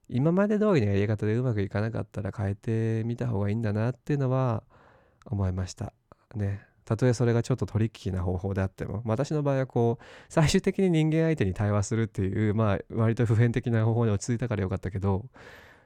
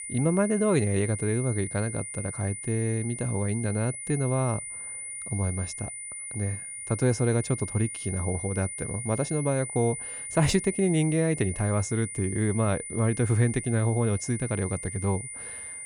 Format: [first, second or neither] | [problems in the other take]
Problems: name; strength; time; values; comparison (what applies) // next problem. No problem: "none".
first | high-pitched whine; loud; throughout; 9.5 kHz, 7 dB below the speech